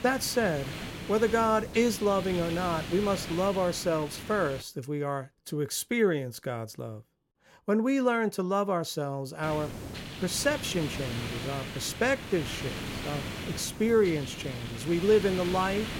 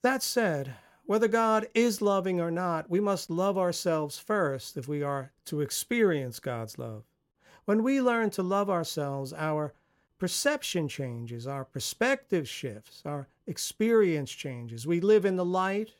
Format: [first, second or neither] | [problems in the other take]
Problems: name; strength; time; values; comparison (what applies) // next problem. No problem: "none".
second | hiss; loud; until 4.5 s and from 9.5 s on; 9 dB below the speech